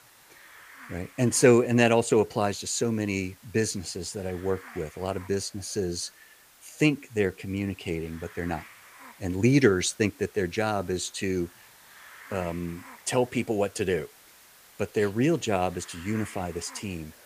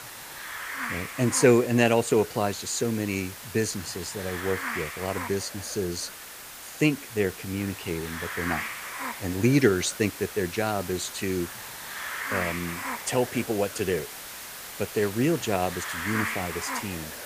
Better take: first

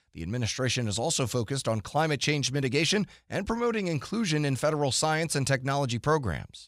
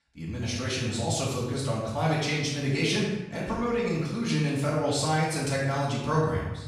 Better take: first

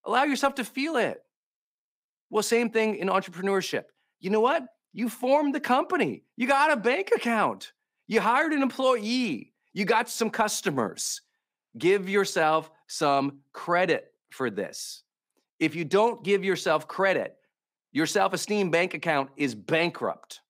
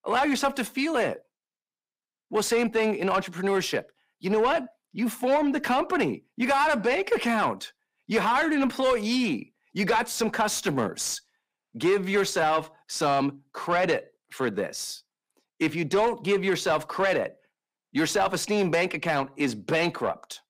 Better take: first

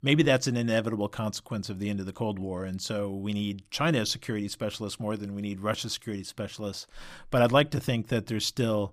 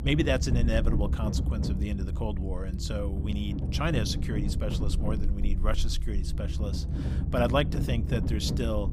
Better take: first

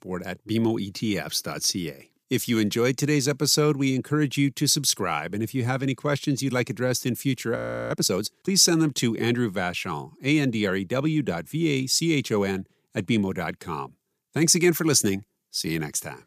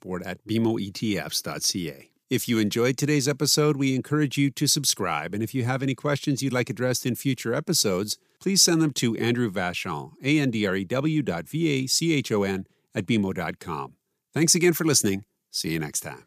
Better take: second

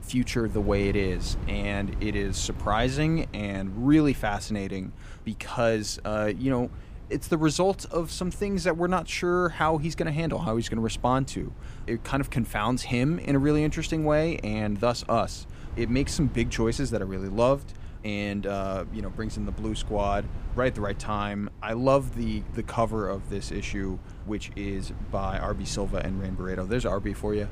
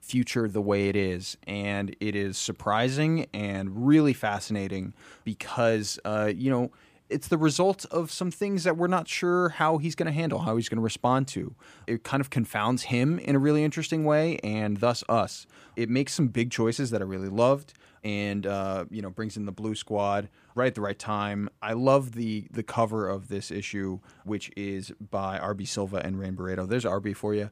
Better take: second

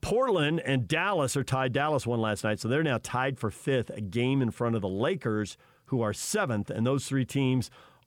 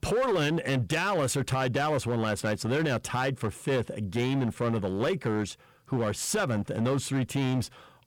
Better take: first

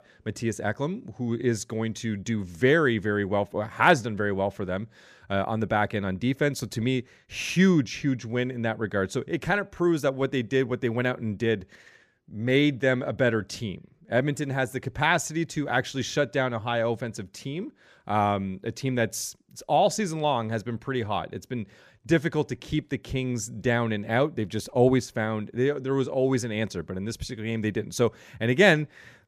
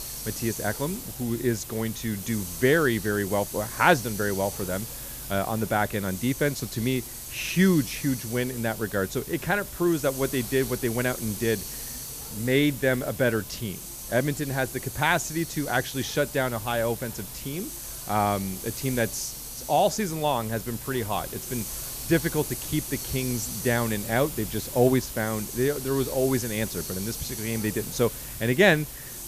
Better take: first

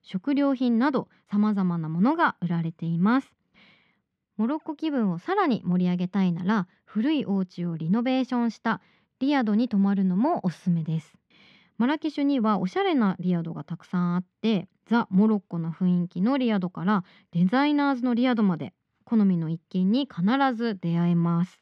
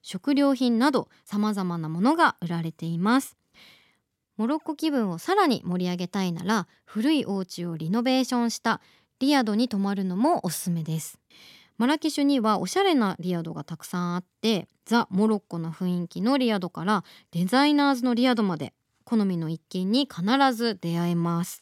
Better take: second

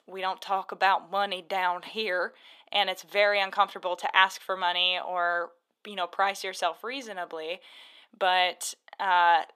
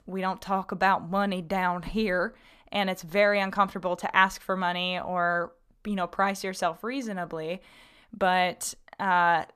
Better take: second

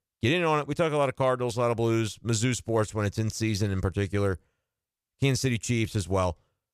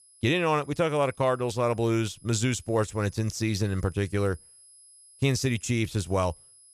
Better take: first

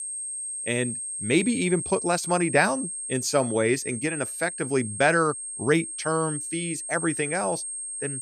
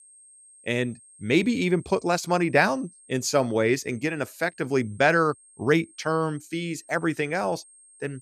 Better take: second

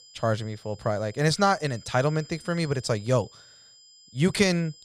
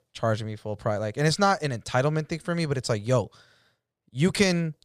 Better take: second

